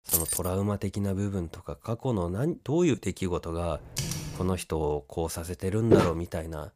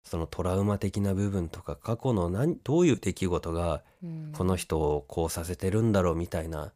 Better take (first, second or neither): second